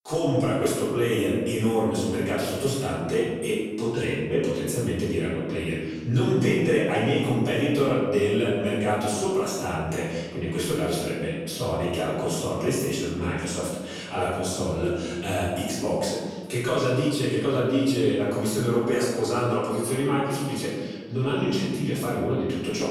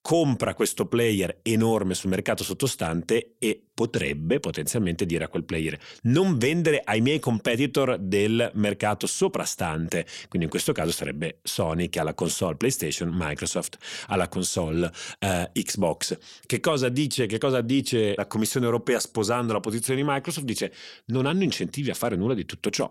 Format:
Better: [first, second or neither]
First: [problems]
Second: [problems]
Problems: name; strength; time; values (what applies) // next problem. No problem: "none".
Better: second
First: room echo; strong; dies away in 1.5 s // off-mic speech; far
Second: none